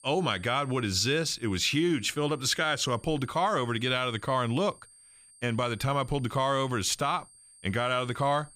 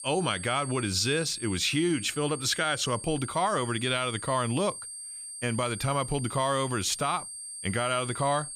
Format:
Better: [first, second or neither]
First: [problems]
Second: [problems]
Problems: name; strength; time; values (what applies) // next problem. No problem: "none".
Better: first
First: high-pitched whine; faint; throughout; 8.5 kHz, 25 dB below the speech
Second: high-pitched whine; loud; throughout; 8.5 kHz, 9 dB below the speech